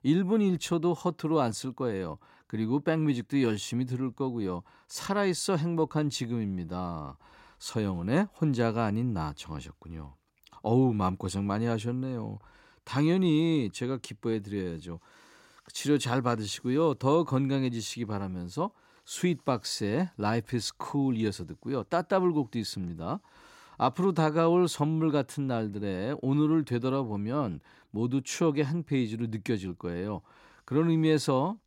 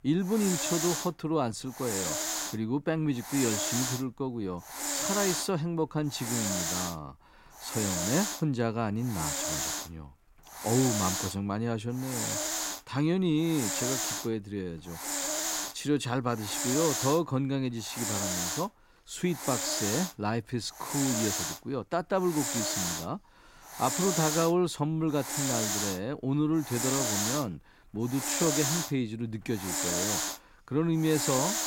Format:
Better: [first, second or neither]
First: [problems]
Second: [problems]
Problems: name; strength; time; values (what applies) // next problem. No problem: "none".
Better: first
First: none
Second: hiss; loud; throughout; as loud as the speech